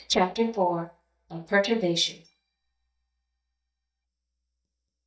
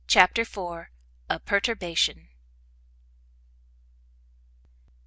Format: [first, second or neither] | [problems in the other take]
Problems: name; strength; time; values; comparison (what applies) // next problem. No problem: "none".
second | noise reduction (neural mask model DeepFilterNet 3)